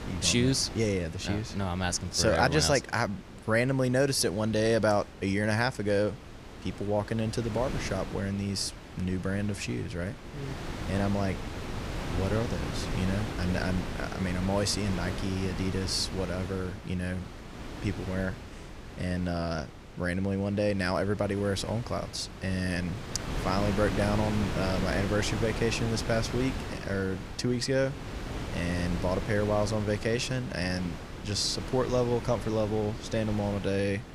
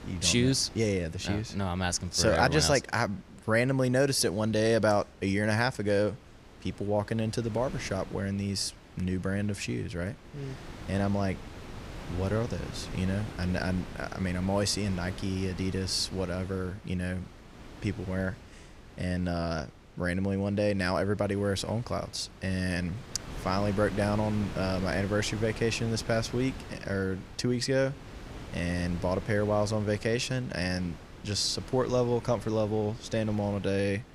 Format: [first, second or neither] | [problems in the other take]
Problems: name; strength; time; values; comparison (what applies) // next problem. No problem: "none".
second | wind noise on the microphone; heavy; 10 dB below the speech; occasional gusts in the second